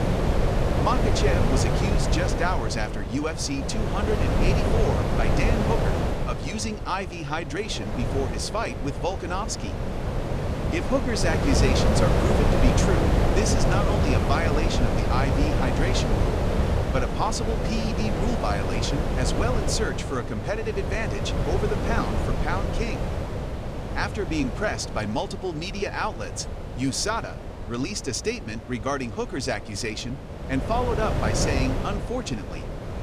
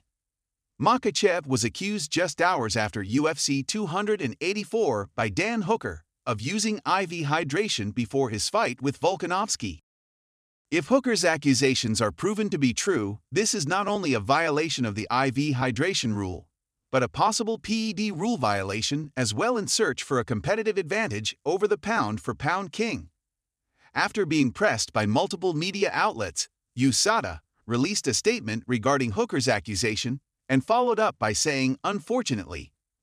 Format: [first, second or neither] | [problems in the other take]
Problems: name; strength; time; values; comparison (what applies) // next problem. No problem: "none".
second | wind noise on the microphone; heavy; 1 dB below the speech